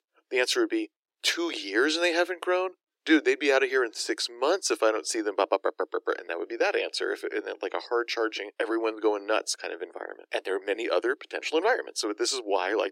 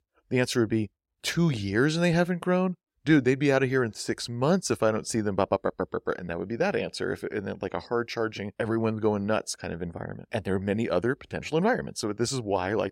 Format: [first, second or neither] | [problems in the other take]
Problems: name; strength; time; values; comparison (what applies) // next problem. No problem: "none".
second | thin; very; fading below 300 Hz